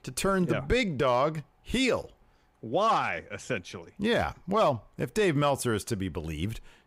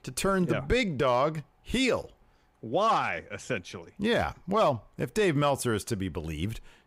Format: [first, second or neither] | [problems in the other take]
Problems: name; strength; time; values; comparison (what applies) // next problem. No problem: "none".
neither | none